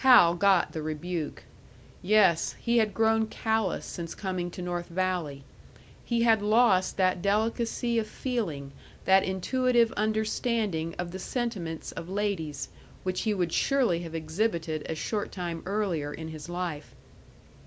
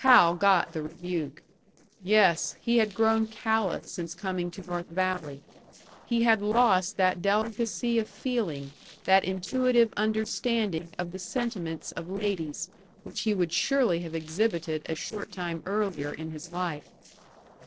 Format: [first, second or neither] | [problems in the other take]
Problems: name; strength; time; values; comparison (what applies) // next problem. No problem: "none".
first | noise reduction (neural separator model SepFormer DNS4)